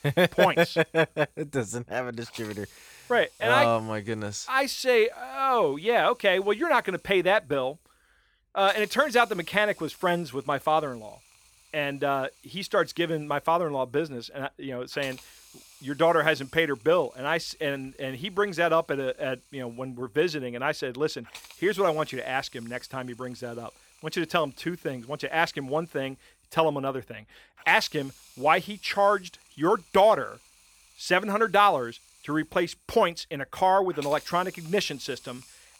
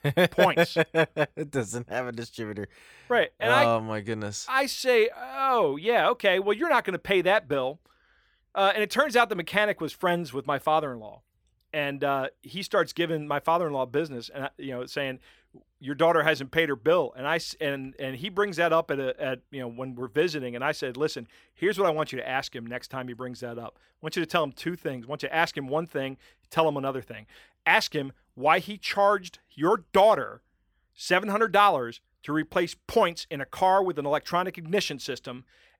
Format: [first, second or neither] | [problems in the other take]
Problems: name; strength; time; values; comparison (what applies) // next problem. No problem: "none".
second | hiss; faint; throughout; 25 dB below the speech